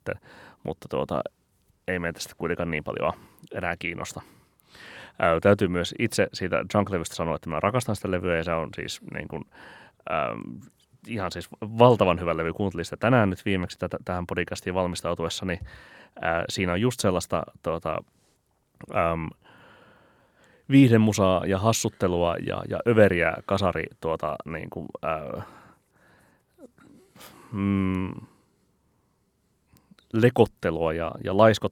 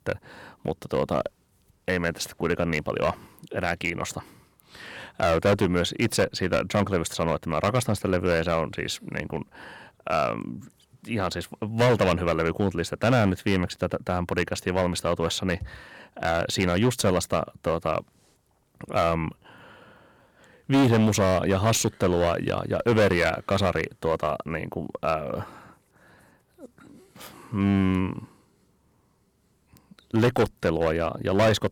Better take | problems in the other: first | distortion; heavy; 6% of the sound clipped

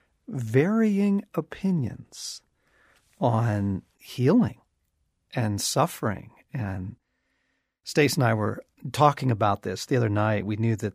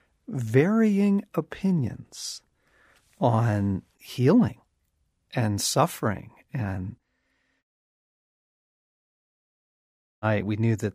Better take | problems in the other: first | audio cutting out; at 7.5 s for 2.5 s

